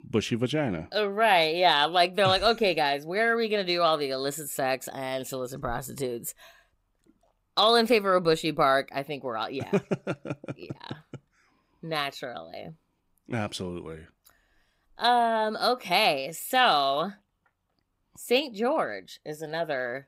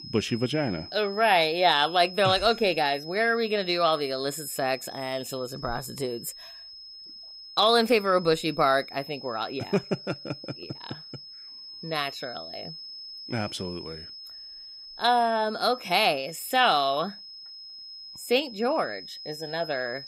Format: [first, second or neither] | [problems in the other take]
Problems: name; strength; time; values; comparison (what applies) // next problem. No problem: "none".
first | high-pitched whine; noticeable; throughout; 5 kHz, 15 dB below the speech